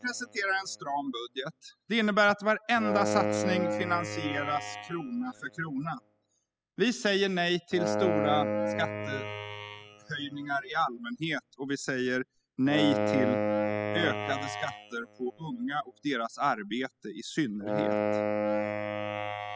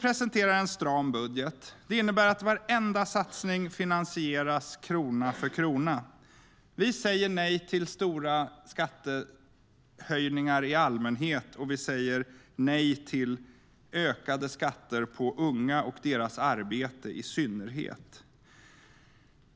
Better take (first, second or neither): second